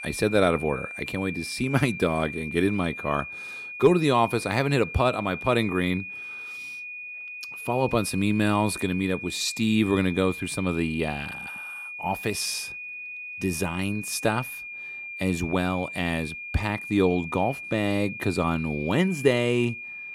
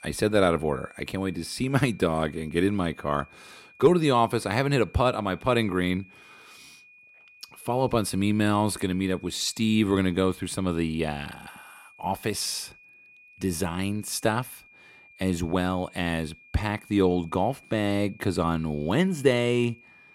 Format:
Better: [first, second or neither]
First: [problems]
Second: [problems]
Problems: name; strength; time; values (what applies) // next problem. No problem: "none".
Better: second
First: high-pitched whine; loud; throughout; 2.5 kHz, 9 dB below the speech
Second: high-pitched whine; faint; throughout; 2.5 kHz, 25 dB below the speech